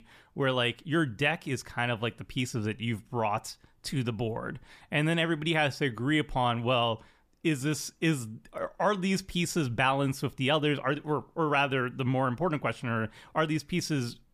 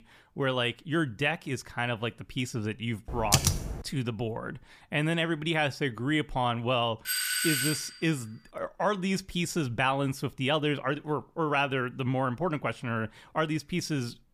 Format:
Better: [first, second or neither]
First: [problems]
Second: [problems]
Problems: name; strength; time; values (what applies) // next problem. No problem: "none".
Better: first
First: none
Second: keyboard typing; loud; at 3 s; peak 5 dB above the speech // doorbell; loud; at 7 s; peak 4 dB above the speech